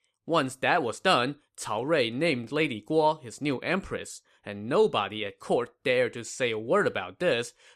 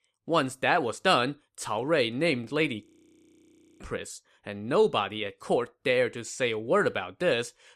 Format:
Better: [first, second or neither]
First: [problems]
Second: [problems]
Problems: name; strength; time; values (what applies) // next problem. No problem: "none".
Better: first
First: none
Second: audio freezing; at 3 s for 1 s